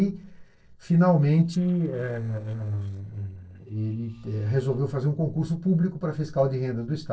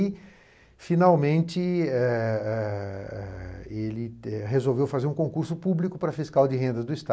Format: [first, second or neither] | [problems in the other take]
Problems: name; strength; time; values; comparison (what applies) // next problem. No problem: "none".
second | noise reduction (neural separator model SepFormer DNS4)